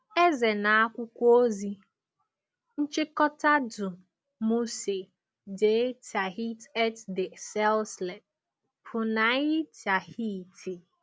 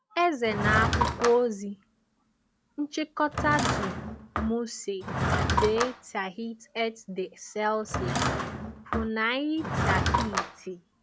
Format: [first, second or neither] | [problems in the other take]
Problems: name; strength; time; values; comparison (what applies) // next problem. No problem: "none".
first | background sound (Drawer open or close / Wood); 1 dB below the speech